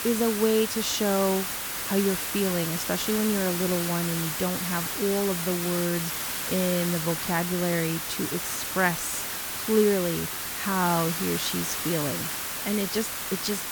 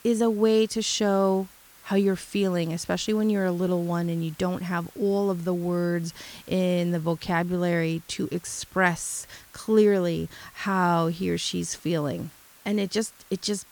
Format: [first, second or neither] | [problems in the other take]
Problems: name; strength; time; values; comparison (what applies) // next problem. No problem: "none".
second | hiss; loud; throughout; 1 dB below the speech; faint in the second